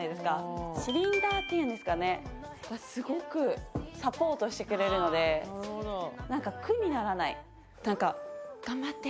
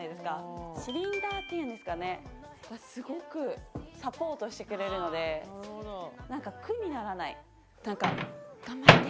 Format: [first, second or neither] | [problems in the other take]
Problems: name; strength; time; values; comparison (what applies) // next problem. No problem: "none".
first | background sound (Microwave oven); 3 dB above the speech